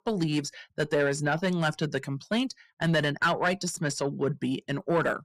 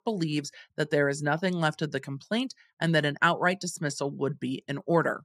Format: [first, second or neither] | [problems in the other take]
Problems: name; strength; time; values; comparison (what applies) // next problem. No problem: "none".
second | distortion; slight; 10 dB below the speech